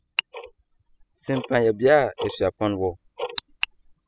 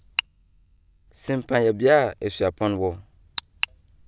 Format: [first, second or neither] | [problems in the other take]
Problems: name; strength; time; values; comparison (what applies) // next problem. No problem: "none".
second | noise reduction (classical method spectral subtraction)